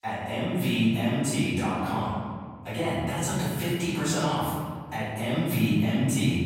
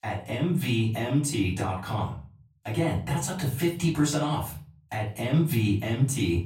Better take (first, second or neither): second